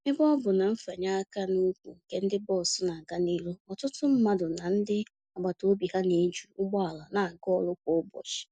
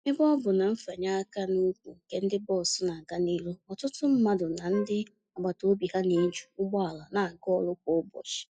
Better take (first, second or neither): first